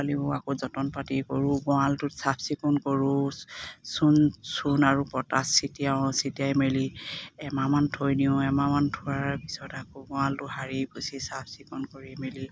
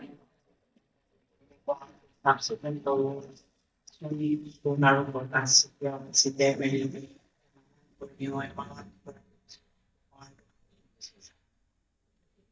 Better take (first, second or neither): first